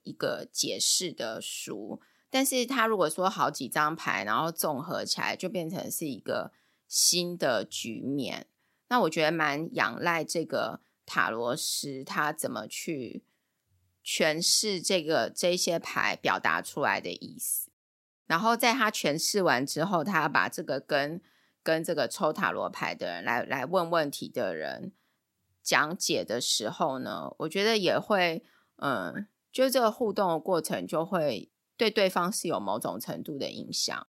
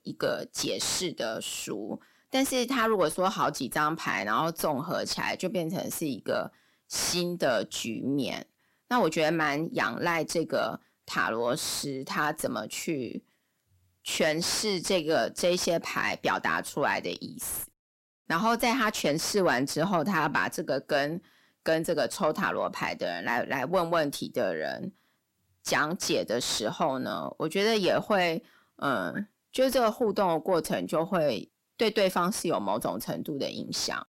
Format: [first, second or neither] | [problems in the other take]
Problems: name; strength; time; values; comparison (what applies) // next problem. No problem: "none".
first | distortion; slight; 10 dB below the speech